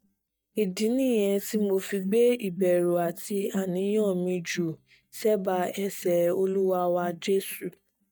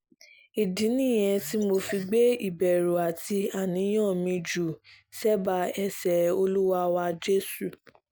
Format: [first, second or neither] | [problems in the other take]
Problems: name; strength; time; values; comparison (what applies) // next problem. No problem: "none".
second | noise reduction (neural mask model DeepFilterNet 3)